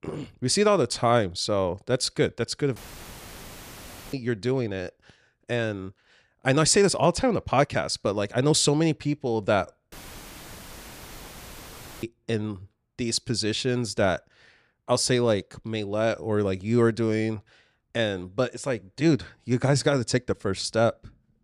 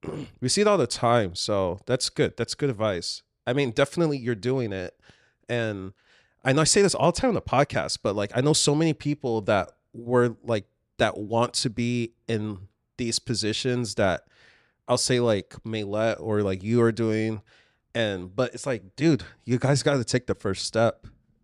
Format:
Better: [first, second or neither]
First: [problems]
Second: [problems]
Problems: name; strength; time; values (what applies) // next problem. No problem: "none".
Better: second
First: audio cutting out; filled with static; at 3 s for 1.5 s and at 10 s for 2 s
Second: none